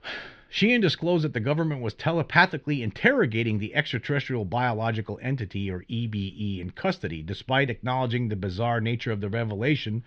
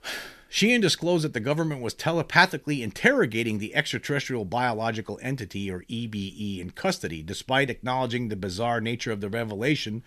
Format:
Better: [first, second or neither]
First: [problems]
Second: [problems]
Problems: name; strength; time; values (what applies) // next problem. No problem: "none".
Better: second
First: muffled; very slightly; fading above 4 kHz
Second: none